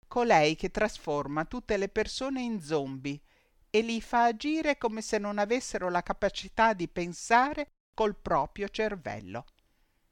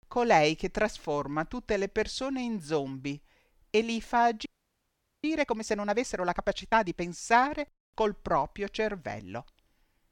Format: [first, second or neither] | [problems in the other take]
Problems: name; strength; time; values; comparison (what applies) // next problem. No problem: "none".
first | audio freezing; at 4.5 s for 1 s